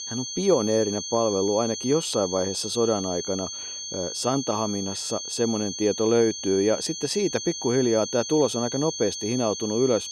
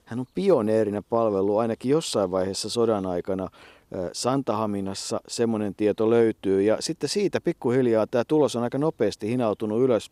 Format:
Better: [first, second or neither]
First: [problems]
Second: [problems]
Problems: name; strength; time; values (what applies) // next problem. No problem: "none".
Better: second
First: high-pitched whine; loud; throughout; 6.5 kHz, 6 dB below the speech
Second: none